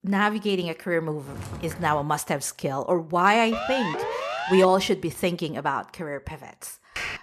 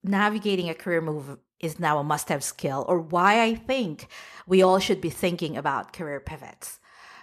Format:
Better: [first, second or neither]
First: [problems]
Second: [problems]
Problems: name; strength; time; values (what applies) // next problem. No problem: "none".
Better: second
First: footsteps; faint; at 1.5 s; peak 15 dB below the speech // siren; noticeable; from 3.5 to 4.5 s; peak 4 dB below the speech // keyboard typing; noticeable; at 7 s; peak 7 dB below the speech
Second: none